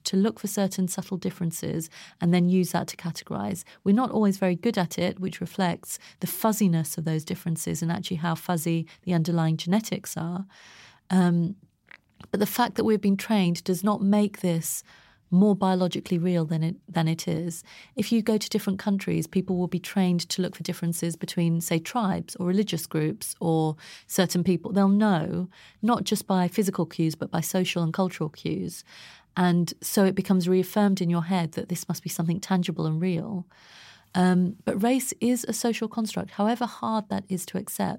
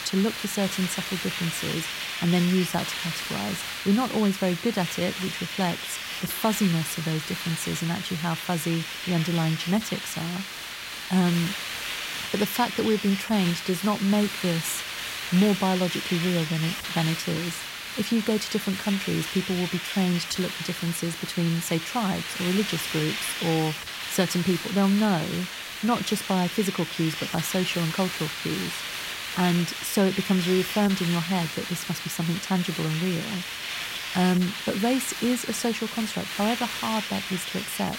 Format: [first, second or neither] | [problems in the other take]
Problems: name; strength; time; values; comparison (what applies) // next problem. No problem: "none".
first | hiss; loud; throughout; 4 dB below the speech